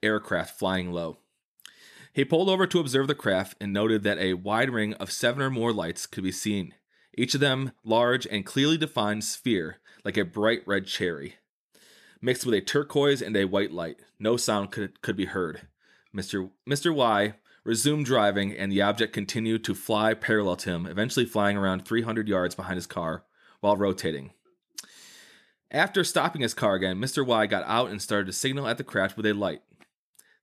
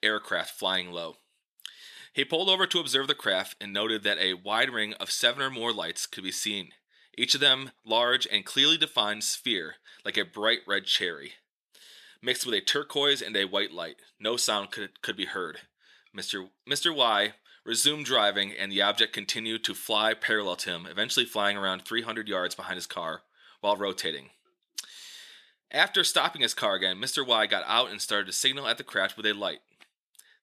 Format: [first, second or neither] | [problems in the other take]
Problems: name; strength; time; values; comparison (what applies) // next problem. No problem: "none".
first | thin; somewhat; fading below 900 Hz